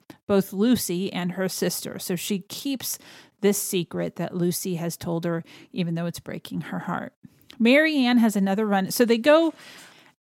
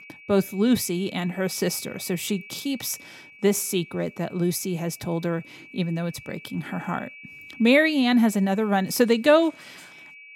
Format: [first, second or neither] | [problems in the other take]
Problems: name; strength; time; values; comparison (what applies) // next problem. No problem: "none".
first | high-pitched whine; noticeable; throughout; 2.5 kHz, 20 dB below the speech